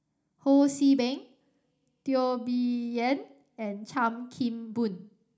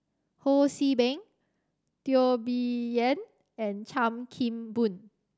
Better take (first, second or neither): second